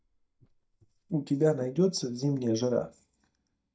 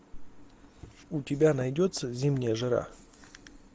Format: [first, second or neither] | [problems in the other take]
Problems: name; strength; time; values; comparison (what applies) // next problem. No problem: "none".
second | noise reduction (neural mask model DeepFilterNet 3)